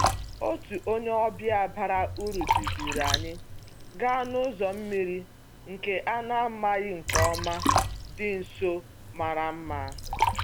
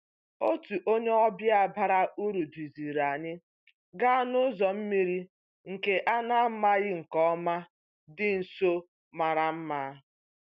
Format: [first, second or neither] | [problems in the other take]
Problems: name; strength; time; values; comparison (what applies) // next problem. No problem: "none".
second | background sound (Liquid); 2 dB below the speech